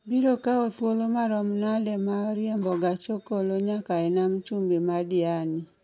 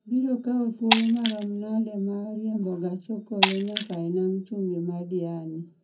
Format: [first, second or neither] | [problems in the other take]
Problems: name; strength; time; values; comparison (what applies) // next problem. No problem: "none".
first | background sound (Shatter); 4 dB below the speech // room echo; dies away in 0.4 s